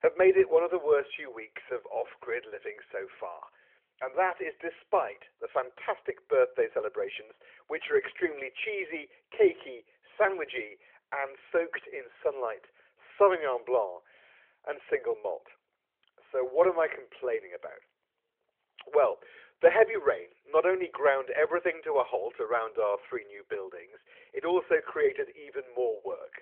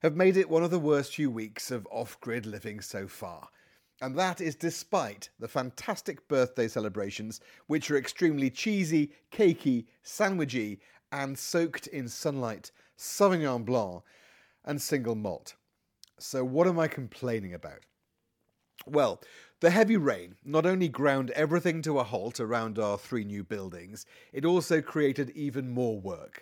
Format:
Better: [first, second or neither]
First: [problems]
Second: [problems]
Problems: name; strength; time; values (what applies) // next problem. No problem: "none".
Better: second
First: phone-call audio; nothing above 3.5 kHz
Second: none